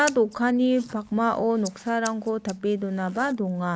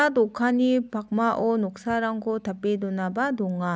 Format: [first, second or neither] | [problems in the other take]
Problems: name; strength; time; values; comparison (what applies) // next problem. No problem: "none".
second | noise reduction (neural mask model Resemble Enhance denoiser)